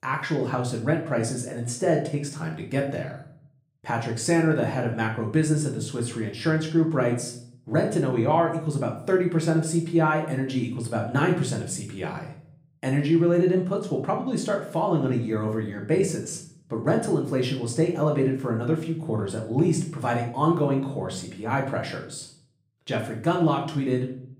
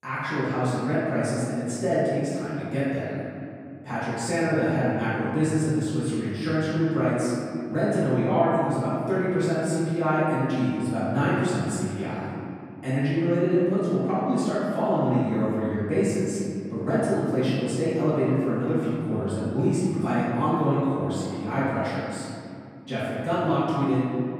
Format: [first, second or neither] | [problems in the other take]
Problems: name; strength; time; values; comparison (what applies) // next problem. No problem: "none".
first | room echo; strong; dies away in 2.6 s; slight in the first // off-mic speech; far; somewhat distant in the first